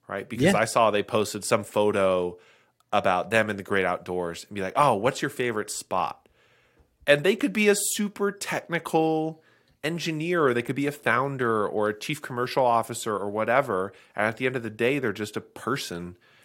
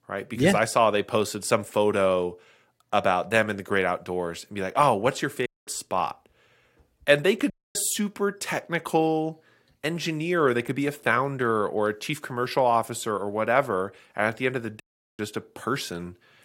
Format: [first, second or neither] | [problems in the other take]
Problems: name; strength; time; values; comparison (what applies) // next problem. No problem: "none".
first | audio cutting out; at 5.5 s, at 7.5 s and at 15 s